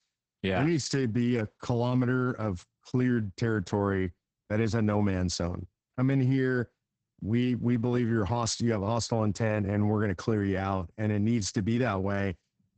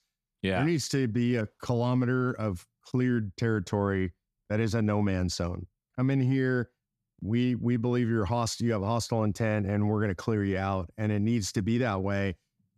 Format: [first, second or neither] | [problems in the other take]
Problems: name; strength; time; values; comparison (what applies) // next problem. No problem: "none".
second | garbled, watery; badly; nothing above 8 kHz